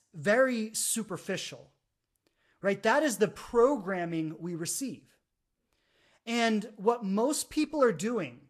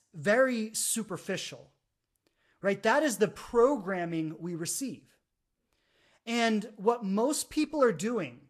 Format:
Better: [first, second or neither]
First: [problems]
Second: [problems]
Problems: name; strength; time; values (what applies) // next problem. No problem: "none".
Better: neither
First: garbled, watery; slightly; nothing above 12.5 kHz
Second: garbled, watery; slightly; nothing above 12.5 kHz